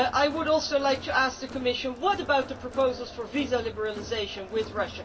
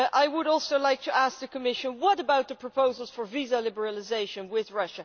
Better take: second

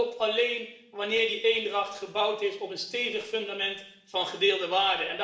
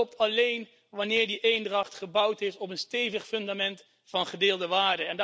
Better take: second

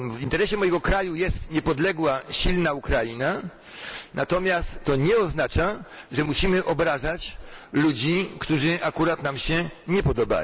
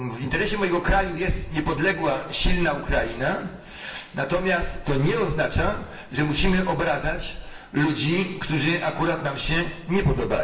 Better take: first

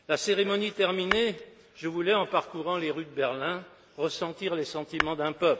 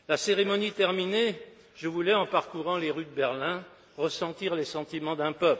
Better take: second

